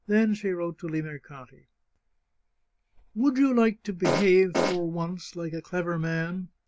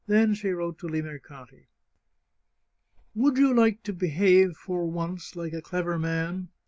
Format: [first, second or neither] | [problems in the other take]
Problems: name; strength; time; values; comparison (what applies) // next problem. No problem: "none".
second | background sound (Fart); 1 dB above the speech